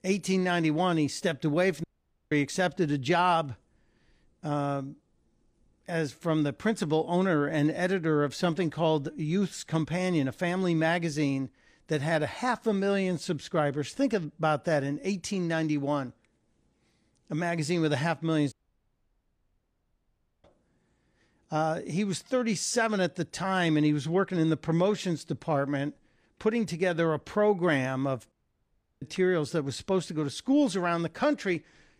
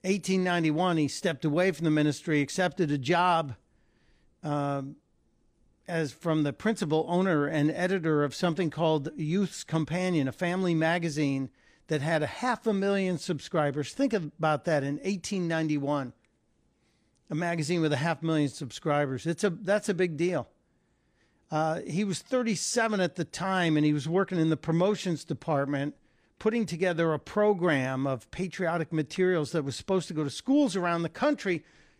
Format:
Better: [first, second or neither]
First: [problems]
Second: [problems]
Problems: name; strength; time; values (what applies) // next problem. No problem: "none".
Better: second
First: audio cutting out; at 2 s, at 19 s for 2 s and at 28 s for 0.5 s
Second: none